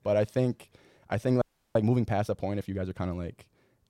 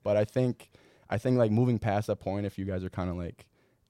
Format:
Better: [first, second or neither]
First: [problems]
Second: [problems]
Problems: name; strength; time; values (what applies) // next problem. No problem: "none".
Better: second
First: audio freezing; at 1.5 s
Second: none